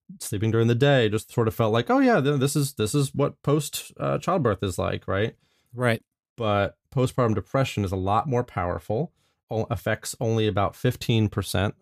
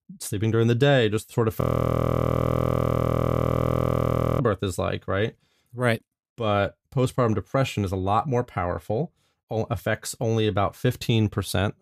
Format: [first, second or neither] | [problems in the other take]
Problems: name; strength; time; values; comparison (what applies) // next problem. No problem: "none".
first | audio freezing; at 1.5 s for 3 s